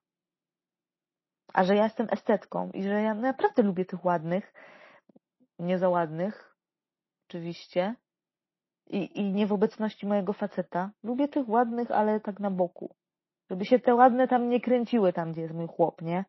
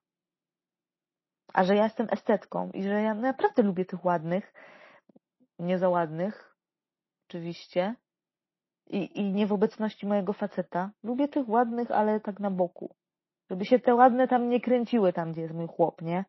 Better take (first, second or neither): neither